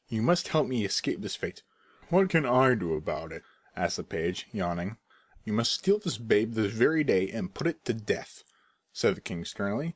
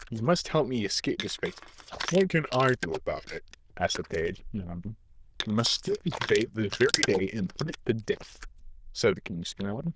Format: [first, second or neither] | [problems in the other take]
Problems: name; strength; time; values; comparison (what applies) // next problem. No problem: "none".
first | noise reduction (neural diffusion model UNIVERSE++)